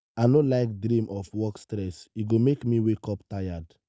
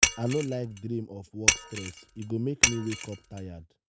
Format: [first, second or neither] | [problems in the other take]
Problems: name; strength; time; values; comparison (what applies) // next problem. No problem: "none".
first | background sound (Shatter); 4 dB above the speech